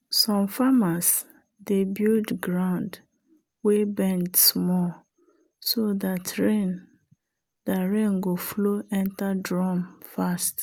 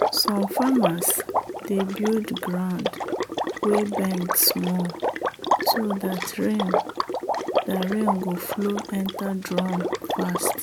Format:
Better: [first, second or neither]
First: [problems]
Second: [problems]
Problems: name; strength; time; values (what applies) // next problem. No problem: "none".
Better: first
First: none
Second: background sound (Water / Liquid); 1 dB below the speech